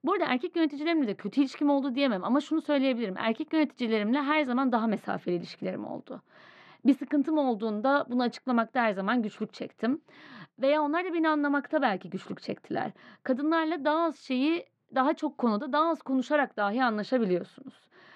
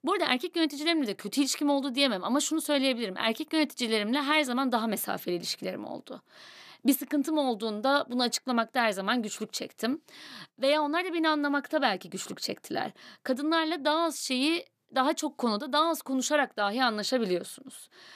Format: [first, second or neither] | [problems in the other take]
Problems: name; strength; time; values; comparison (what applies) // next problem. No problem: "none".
second | muffled; slightly; fading above 2 kHz